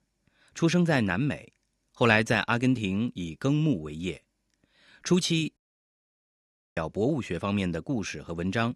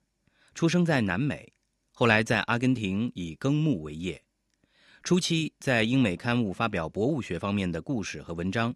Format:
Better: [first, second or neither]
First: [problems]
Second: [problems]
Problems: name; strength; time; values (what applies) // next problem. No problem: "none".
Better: second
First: audio cutting out; at 5.5 s for 1 s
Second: none